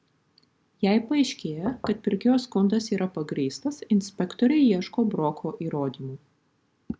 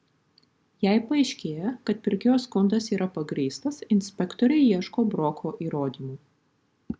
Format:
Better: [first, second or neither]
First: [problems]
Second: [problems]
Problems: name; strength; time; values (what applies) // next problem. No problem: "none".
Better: second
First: background sound (Knock / Wood); 12 dB below the speech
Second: none